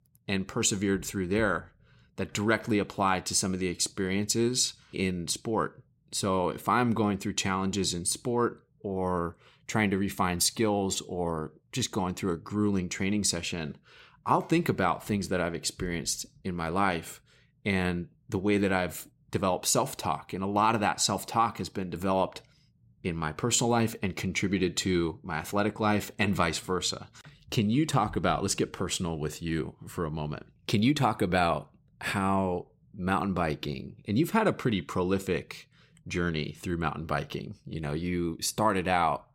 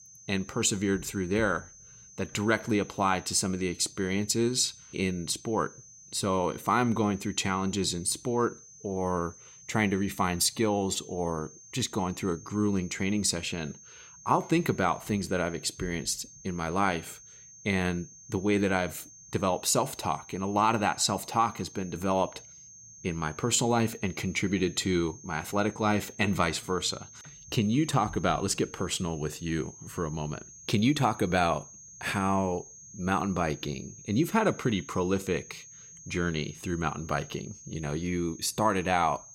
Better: first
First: none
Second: high-pitched whine; noticeable; throughout; 6.5 kHz, 20 dB below the speech

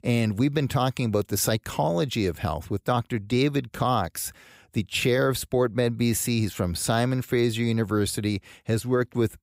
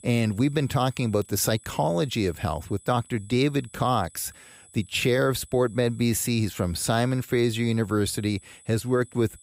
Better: first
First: none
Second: high-pitched whine; faint; throughout; 8 kHz, 25 dB below the speech

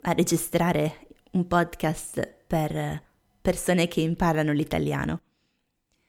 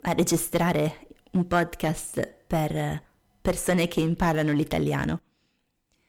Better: first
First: none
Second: distortion; slight; 3% of the sound clipped

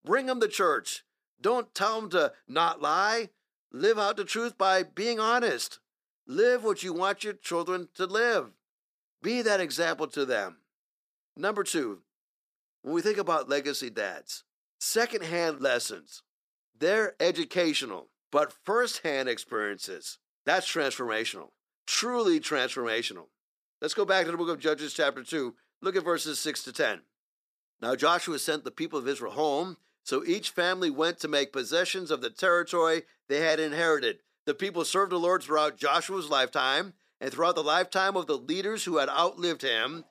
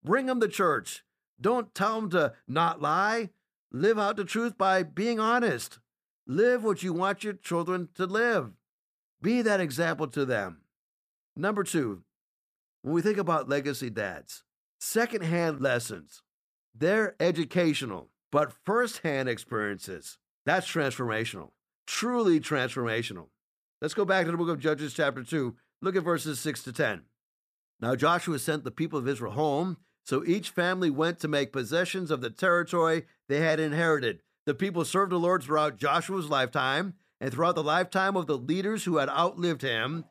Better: second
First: thin; somewhat; fading below 350 Hz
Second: none

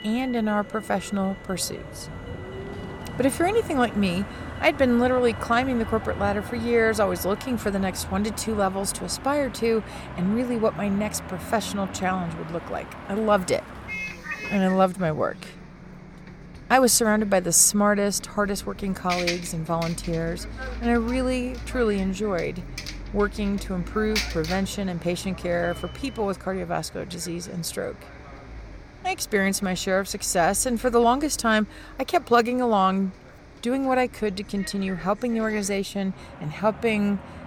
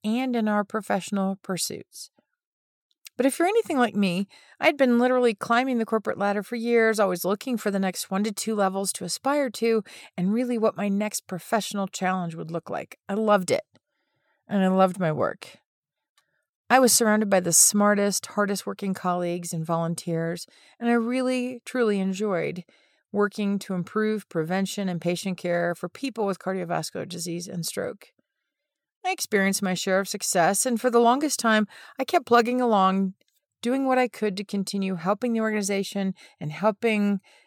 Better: second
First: traffic noise; noticeable; throughout; 15 dB below the speech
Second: none

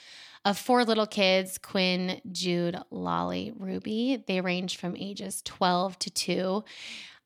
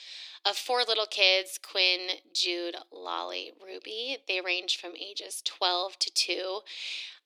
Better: first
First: none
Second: thin; very; fading below 350 Hz

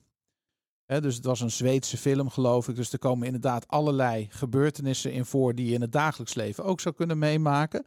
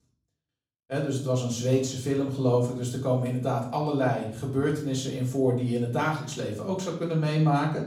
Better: first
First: none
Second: off-mic speech; far // room echo; slight; dies away in 0.6 s

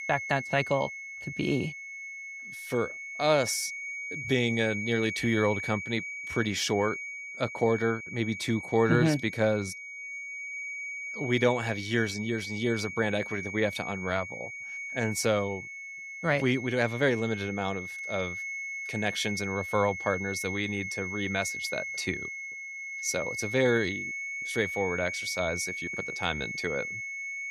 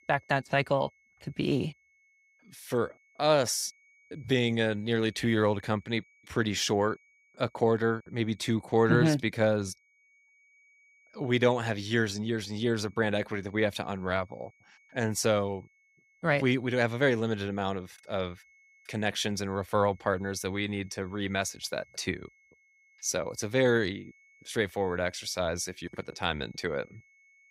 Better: second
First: high-pitched whine; loud; throughout; 2 kHz, 6 dB below the speech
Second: high-pitched whine; faint; throughout; 2 kHz, 30 dB below the speech

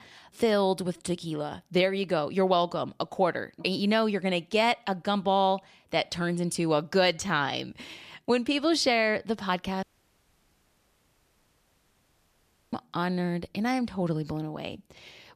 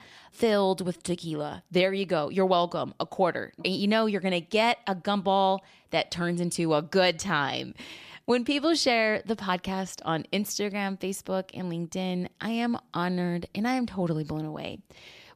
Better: second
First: audio cutting out; at 10 s for 3 s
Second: none

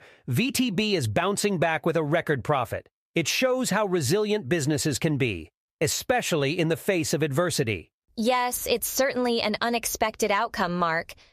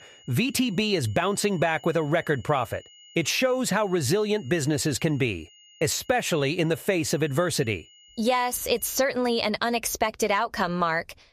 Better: first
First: none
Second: high-pitched whine; faint; until 9 s; 3 kHz, 25 dB below the speech

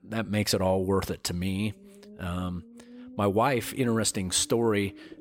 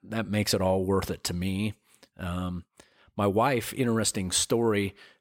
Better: second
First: low rumble; faint; throughout; 25 dB below the speech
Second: none

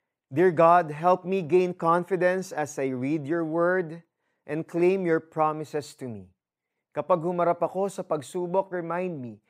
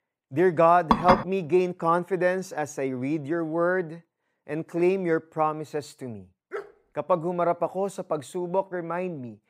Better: first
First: none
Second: clattering dishes; loud; at 1 s; peak 4 dB above the speech // dog barking; faint; at 6.5 s; peak 10 dB below the speech

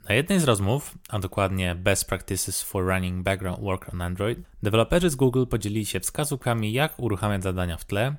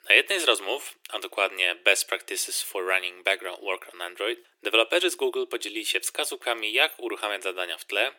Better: first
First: none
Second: thin; very; fading below 350 Hz

